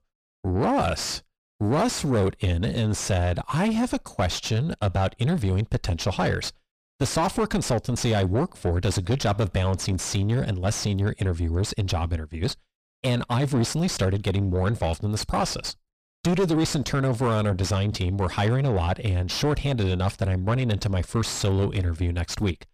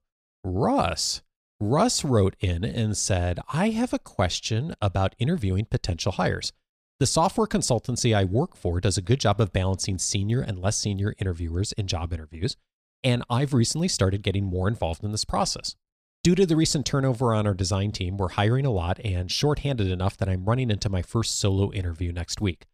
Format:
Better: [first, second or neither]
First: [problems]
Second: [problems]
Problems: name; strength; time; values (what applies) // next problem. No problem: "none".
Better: second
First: distortion; heavy; 6 dB below the speech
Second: none